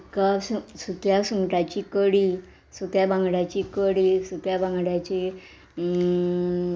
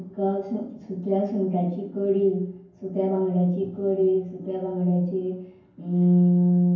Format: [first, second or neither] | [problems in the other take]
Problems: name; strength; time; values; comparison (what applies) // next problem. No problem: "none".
first | room echo; dies away in 0.9 s